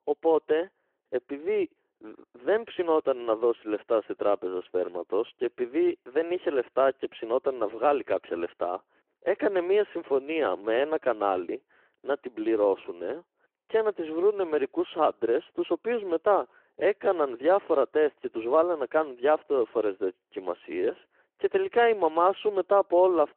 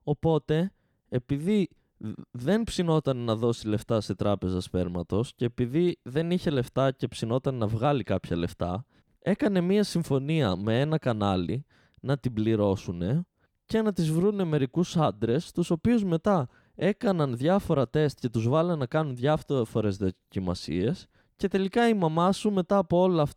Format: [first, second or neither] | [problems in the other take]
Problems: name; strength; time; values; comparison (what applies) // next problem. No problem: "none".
second | phone-call audio